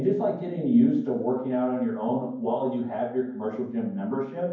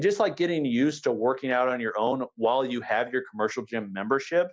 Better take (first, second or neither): second